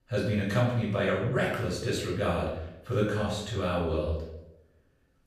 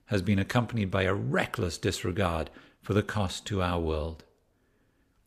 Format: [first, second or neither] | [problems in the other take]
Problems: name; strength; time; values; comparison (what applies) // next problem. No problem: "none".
second | off-mic speech; far // room echo; noticeable; dies away in 0.7 s